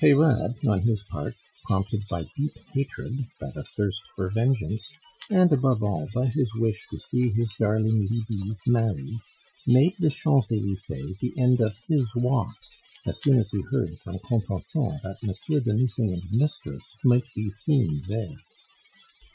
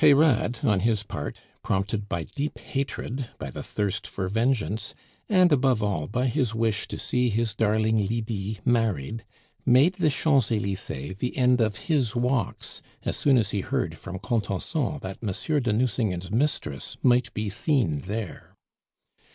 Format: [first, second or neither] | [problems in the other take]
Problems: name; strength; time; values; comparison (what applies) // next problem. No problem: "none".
second | noise reduction (classical method Wiener filter)